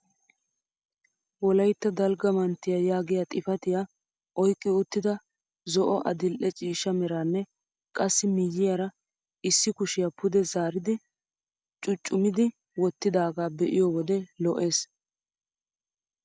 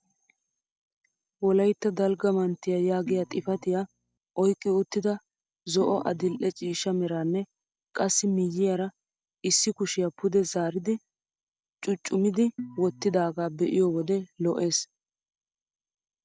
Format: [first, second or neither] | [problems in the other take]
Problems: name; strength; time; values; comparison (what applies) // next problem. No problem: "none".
first | noise reduction (neural separator model SepFormer DNS4)